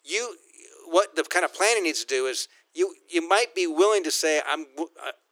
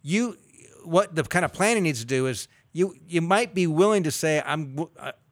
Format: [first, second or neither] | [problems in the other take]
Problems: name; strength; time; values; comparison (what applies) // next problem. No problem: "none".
second | thin; very; fading below 300 Hz